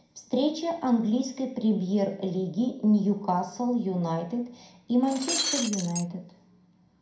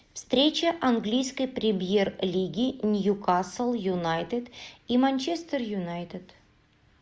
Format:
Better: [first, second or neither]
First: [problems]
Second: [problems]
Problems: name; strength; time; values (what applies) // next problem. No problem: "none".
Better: second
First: background sound (Shatter); 3 dB below the speech // room echo; dies away in 0.4 s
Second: none